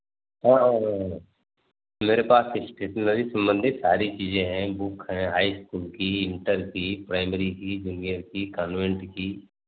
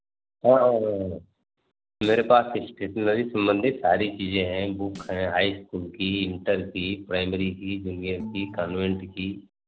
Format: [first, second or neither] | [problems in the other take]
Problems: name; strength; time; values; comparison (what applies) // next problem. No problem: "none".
first | noise reduction (neural separator model SepFormer DNS4)